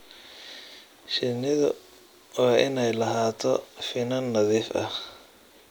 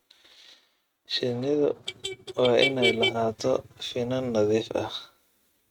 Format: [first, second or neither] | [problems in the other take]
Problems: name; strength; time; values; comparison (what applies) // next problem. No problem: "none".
first | noise reduction (neural mask model RNNoise)